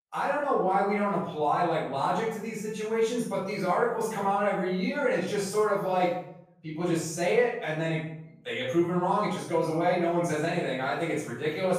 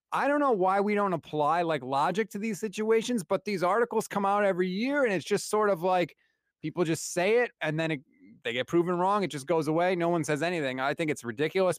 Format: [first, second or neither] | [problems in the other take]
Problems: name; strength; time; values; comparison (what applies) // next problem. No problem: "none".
second | off-mic speech; far // room echo; noticeable; dies away in 0.6 s